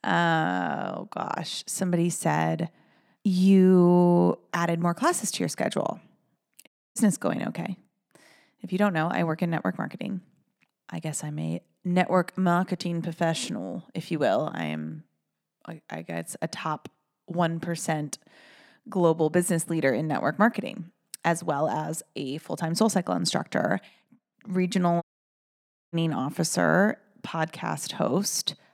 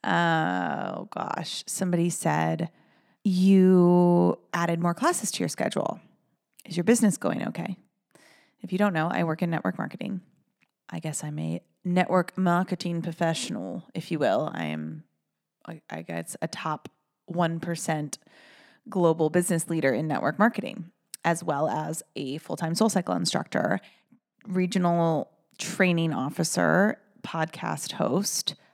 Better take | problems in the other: second | audio cutting out; at 6.5 s and at 25 s for 1 s

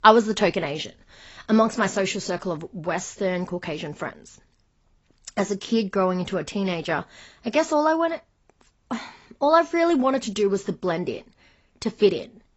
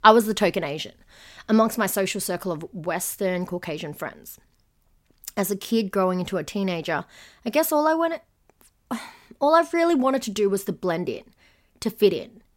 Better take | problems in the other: second | garbled, watery; badly; nothing above 8 kHz

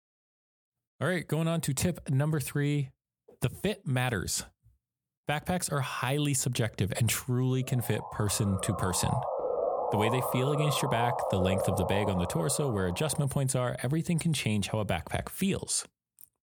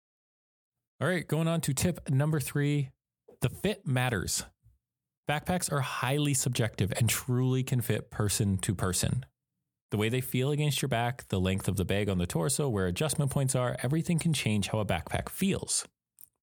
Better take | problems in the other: second | siren; noticeable; from 7.5 to 13 s; peak level with the speech

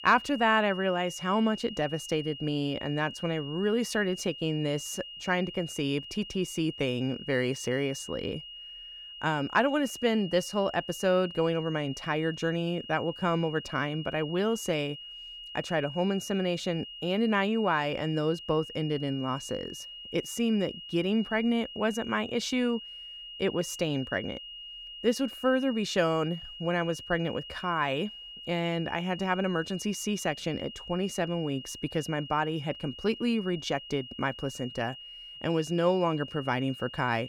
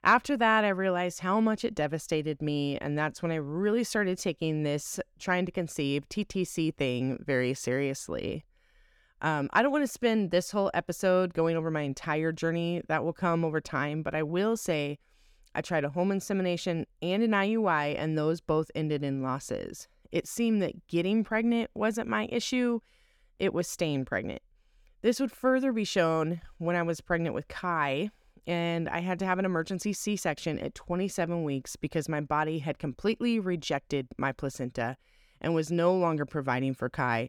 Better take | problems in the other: second | high-pitched whine; noticeable; throughout; 3 kHz, 10 dB below the speech

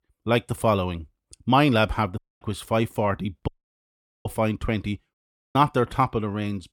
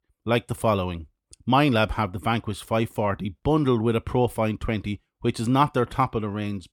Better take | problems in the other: second | audio cutting out; at 2 s, at 3.5 s for 1 s and at 5 s

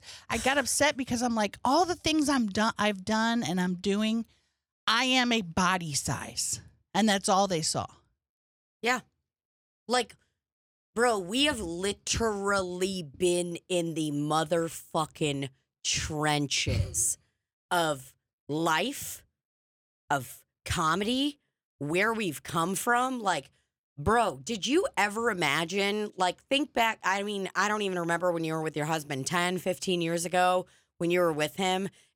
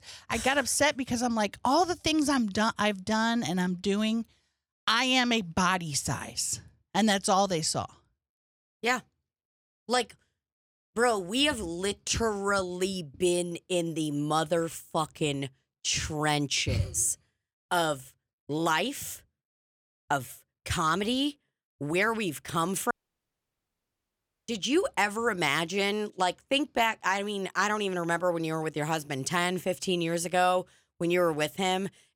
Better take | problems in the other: first | audio cutting out; at 23 s for 1.5 s

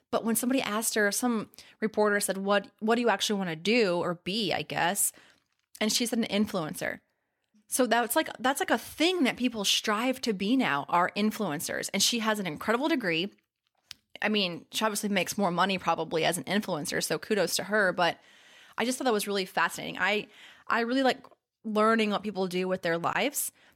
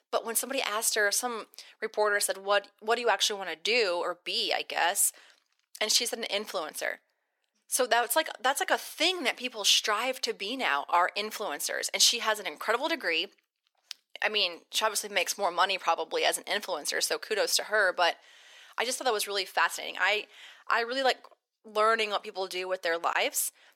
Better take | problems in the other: first | thin; very; fading below 450 Hz

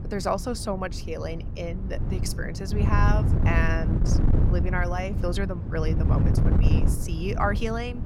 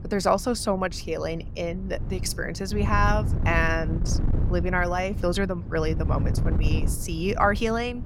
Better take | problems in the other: second | wind noise on the microphone; heavy; 6 dB below the speech; occasional gusts in the second

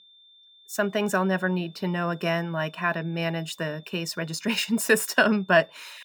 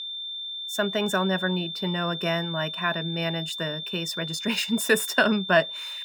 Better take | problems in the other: first | high-pitched whine; loud; throughout; 3.5 kHz, 6 dB below the speech; faint in the first

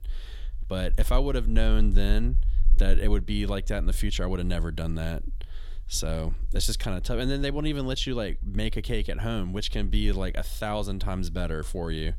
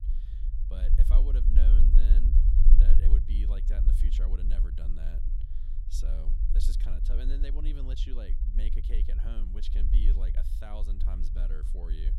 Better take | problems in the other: first | low rumble; loud; throughout; 2 dB below the speech; faint in the first

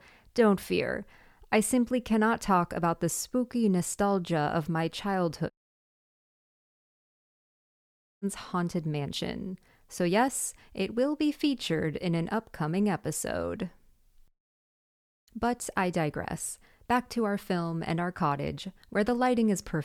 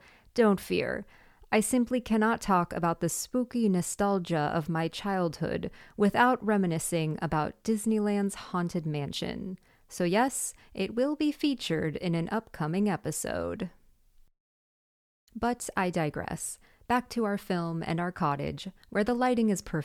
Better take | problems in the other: second | audio cutting out; at 5.5 s for 2.5 s

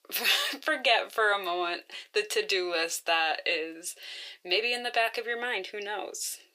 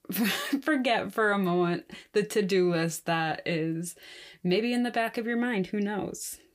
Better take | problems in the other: second | thin; very; fading below 450 Hz

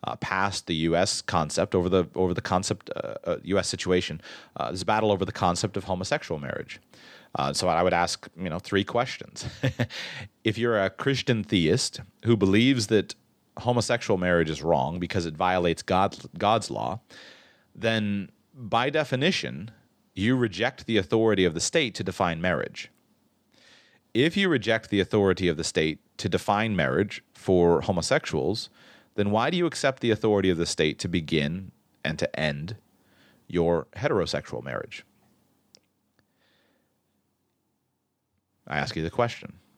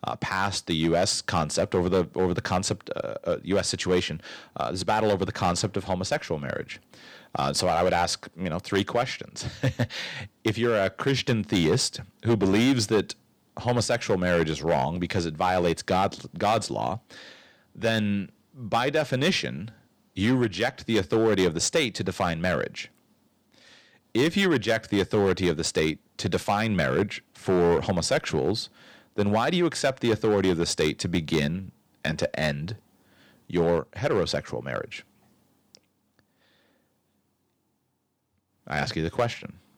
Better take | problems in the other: first | distortion; slight; 4% of the sound clipped

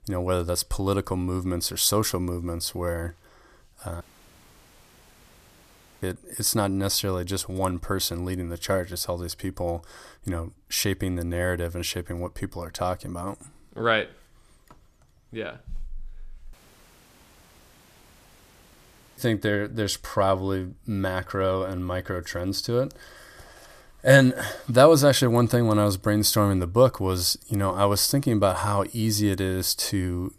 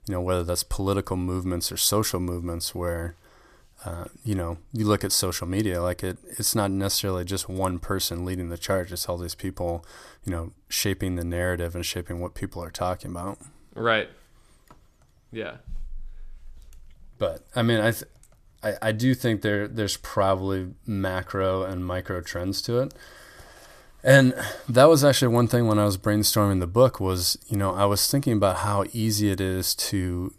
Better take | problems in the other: second | audio cutting out; at 4 s for 2 s and at 17 s for 2.5 s

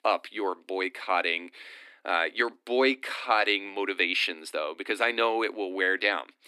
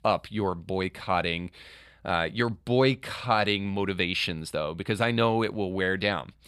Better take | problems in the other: second | thin; somewhat; fading below 250 Hz

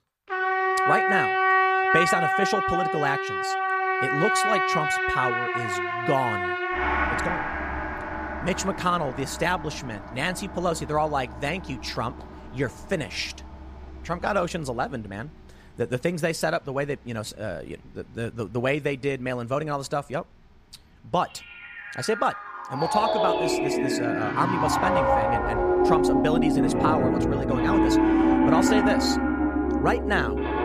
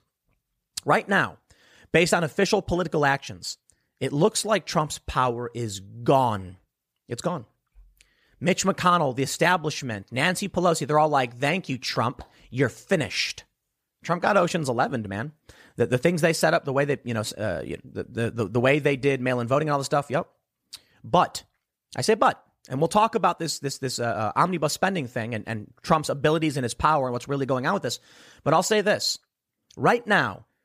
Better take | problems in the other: second | background music; very loud; throughout; 4 dB above the speech

